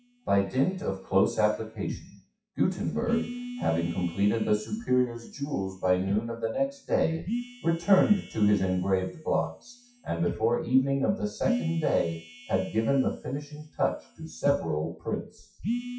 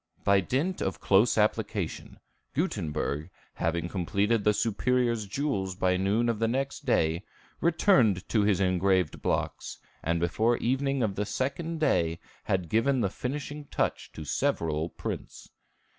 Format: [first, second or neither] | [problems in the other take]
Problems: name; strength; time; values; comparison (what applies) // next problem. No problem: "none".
second | noise reduction (classical method WPE with log-MMSE)